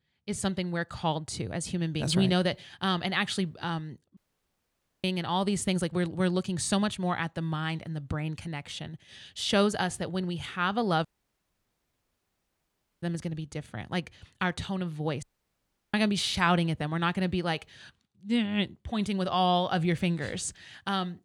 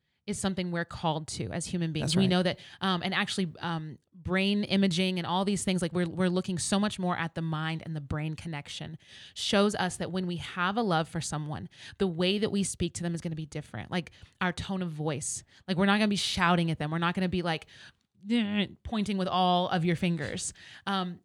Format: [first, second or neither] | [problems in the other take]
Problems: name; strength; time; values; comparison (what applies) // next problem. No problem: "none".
second | audio cutting out; at 4 s for 1 s, at 11 s for 2 s and at 15 s for 0.5 s